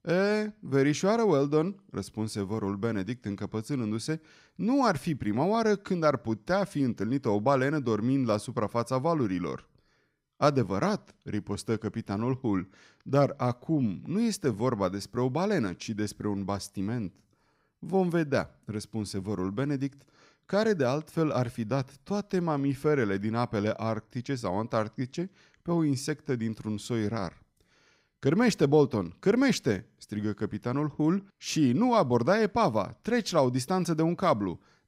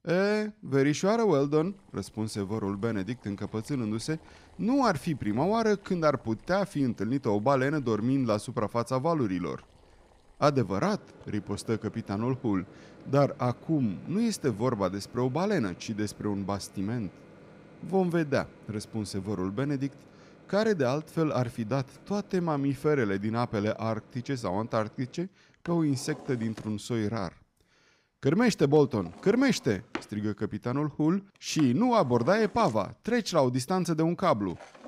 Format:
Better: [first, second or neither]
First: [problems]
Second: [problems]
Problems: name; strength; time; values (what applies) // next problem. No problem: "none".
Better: first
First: none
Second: household noises; faint; throughout; 25 dB below the speech